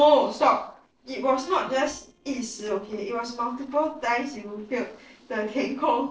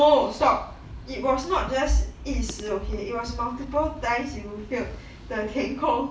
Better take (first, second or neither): second